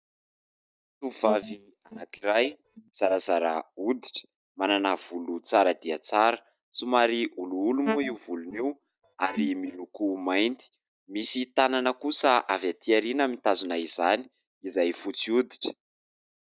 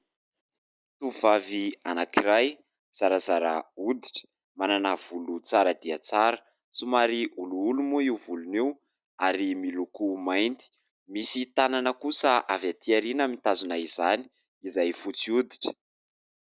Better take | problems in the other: second | noise reduction (neural mask model DeepFilterNet 3)

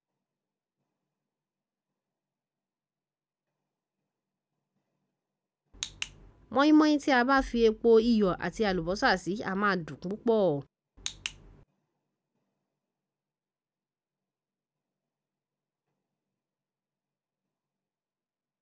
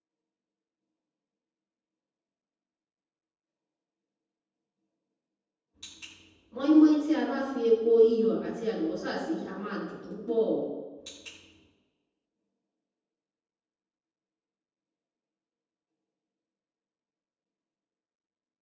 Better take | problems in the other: first | room echo; dies away in 1.1 s

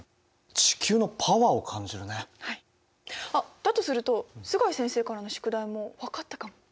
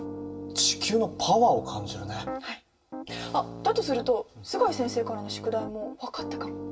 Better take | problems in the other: first | background sound (Piano); 10 dB below the speech // room echo; dies away in 0.2 s

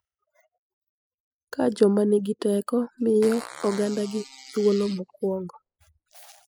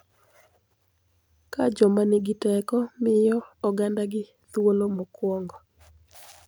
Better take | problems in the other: second | noise reduction (classical method spectral subtraction)

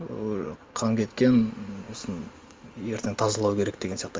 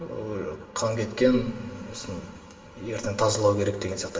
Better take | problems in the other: first | room echo; dies away in 1 s

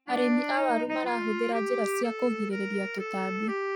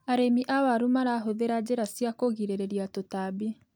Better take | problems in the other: second | noise reduction (classical method Wiener filter)

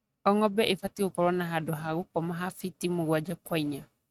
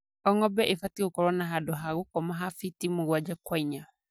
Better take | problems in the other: second | noise reduction (neural mask model RNNoise)

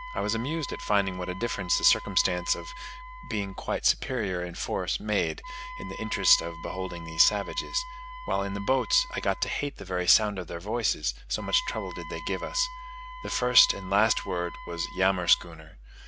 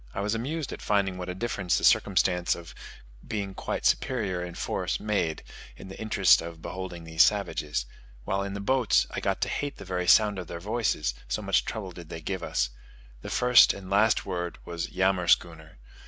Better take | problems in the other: second | background sound (Wind instrument, woodwind instrument); 13 dB below the speech

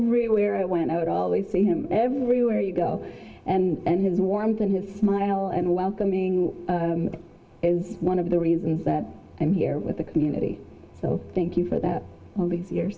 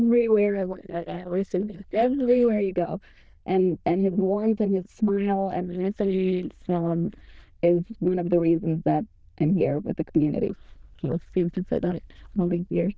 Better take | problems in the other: first | noise reduction (neural diffusion model UNIVERSE++)

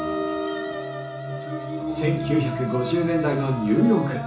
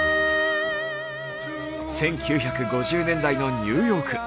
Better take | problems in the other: second | background sound (Wind instrument, woodwind instrument); 13 dB below the speech // room echo; dies away in 0.7 s

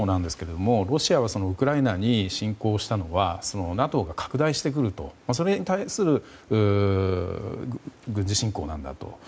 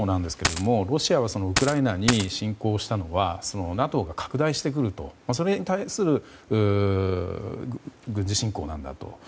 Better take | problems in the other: first | background sound (Coin (dropping)); 2 dB below the speech

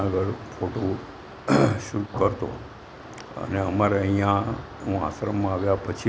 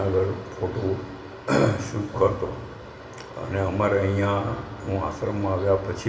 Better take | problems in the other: first | room echo; dies away in 2.6 s

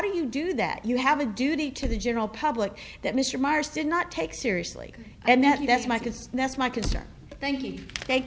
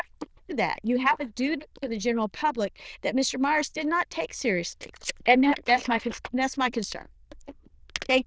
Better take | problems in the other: first | noise reduction (neural diffusion model UNIVERSE++)

